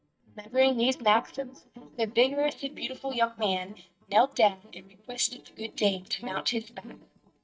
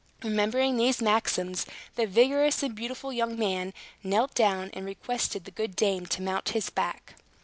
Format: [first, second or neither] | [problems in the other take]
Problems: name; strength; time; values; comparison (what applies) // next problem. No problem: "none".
second | noise reduction (neural mask model DeepFilterNet 3)